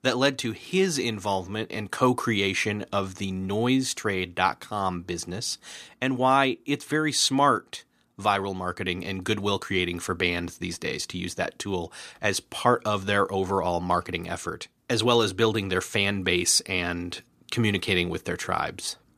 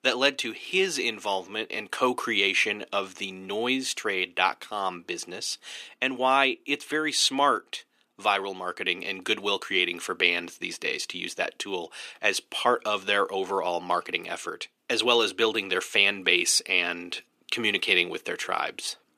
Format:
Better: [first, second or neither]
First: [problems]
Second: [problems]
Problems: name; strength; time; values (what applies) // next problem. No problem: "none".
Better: first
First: none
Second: thin; somewhat; fading below 350 Hz